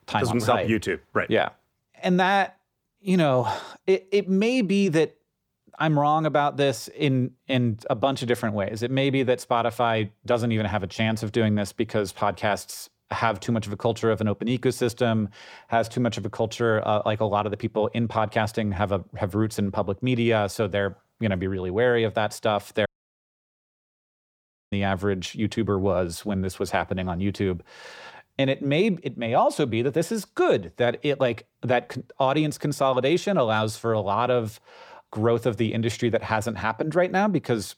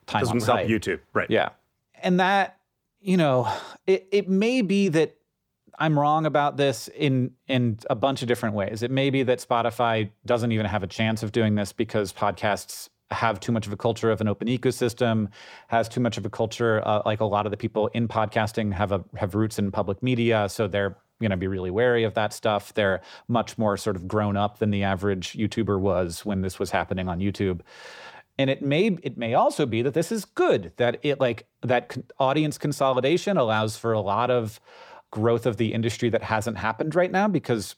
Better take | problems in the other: second | audio cutting out; at 23 s for 2 s

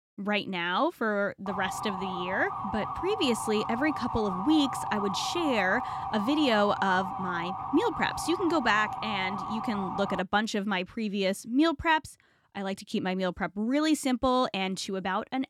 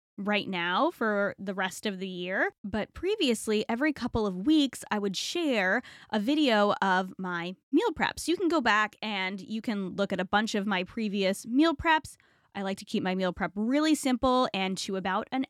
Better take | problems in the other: second | siren; noticeable; from 1.5 to 10 s; peak 5 dB below the speech

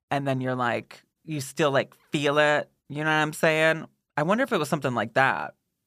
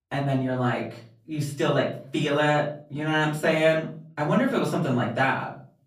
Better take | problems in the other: first | room echo; slight; dies away in 0.5 s // off-mic speech; far

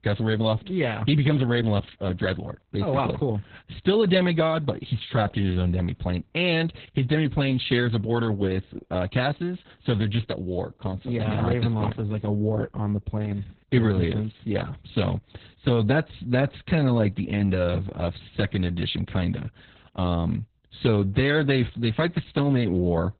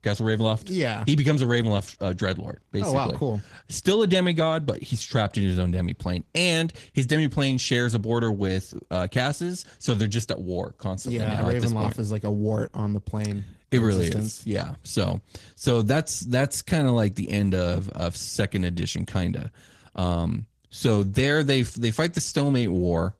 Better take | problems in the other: second | garbled, watery; badly; nothing above 4 kHz; slightly in the second

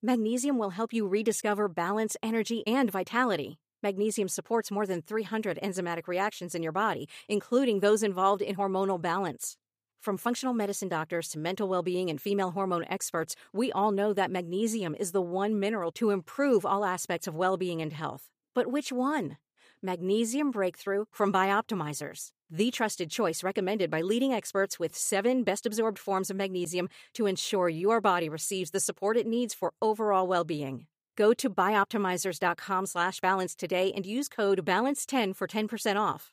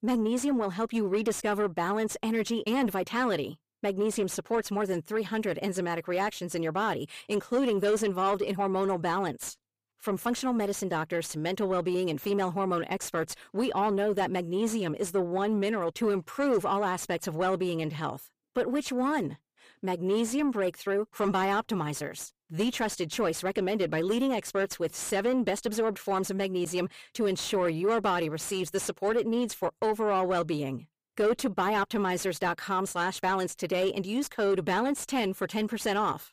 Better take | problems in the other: first | distortion; slight; 10 dB below the speech

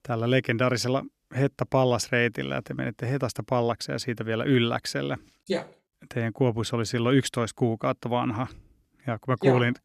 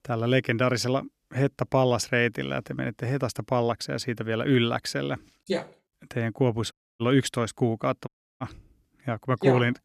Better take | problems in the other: first | audio cutting out; at 6.5 s and at 8 s

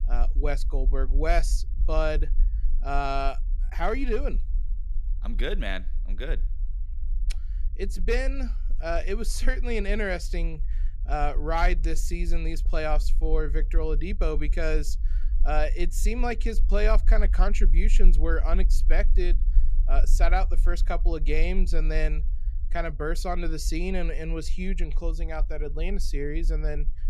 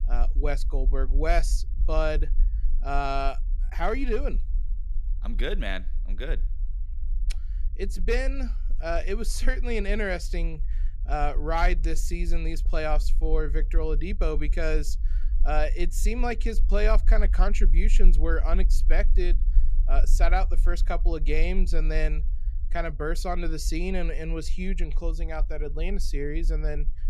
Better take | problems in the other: neither | low rumble; faint; throughout; 25 dB below the speech; the same in both

